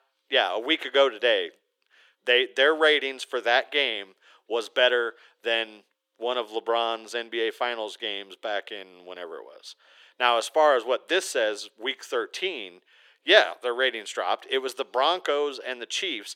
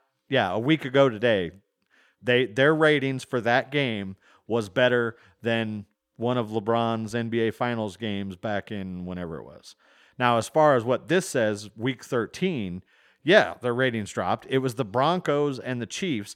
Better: second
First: thin; very; fading below 350 Hz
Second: none

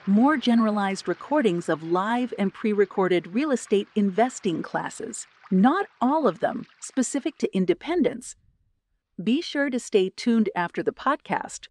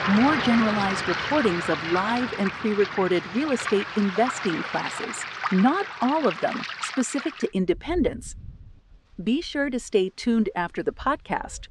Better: first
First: rain or running water; faint; throughout; 30 dB below the speech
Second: rain or running water; loud; throughout; 5 dB below the speech

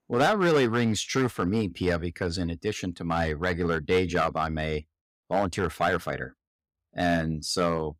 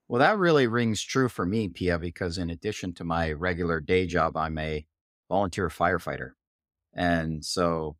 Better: second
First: distortion; slight; 4% of the sound clipped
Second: none

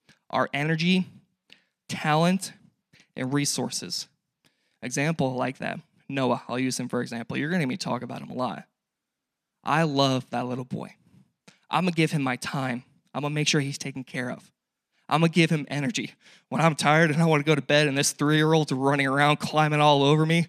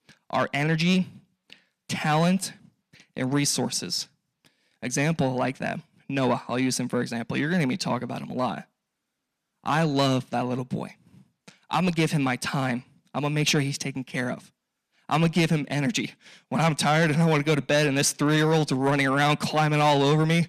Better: first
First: none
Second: distortion; slight; 10 dB below the speech

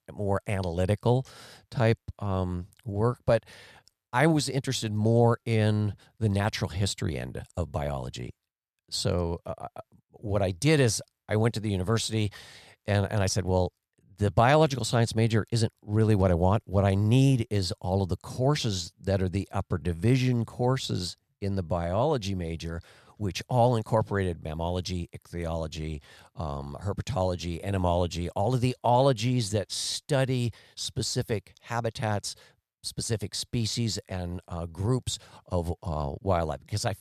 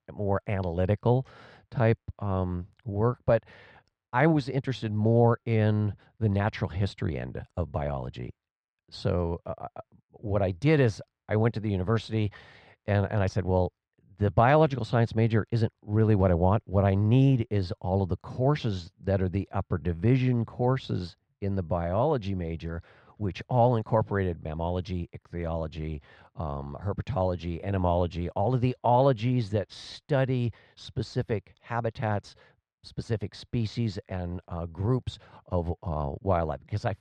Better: first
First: none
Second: muffled; slightly; fading above 2.5 kHz

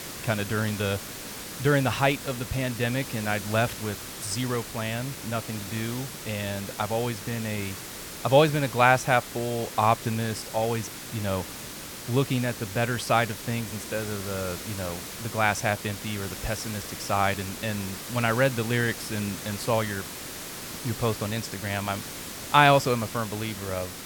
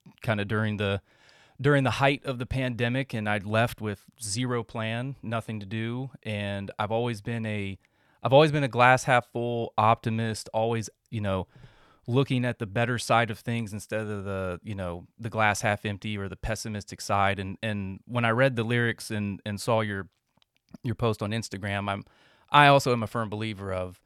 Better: second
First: hiss; loud; throughout; 9 dB below the speech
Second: none

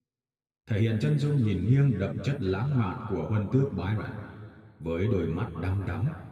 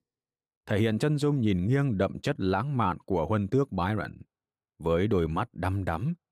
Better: second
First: room echo; noticeable; dies away in 2.1 s // off-mic speech; somewhat distant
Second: none

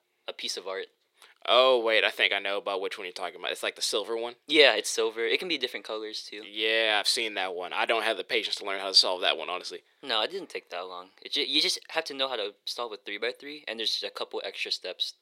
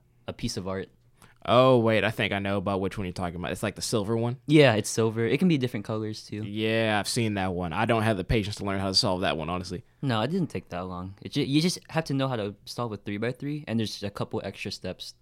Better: second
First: thin; very; fading below 400 Hz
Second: none

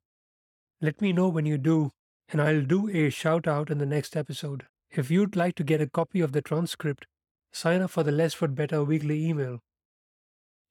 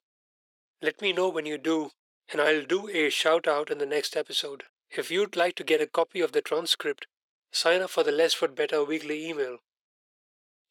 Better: first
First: none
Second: thin; very; fading below 400 Hz

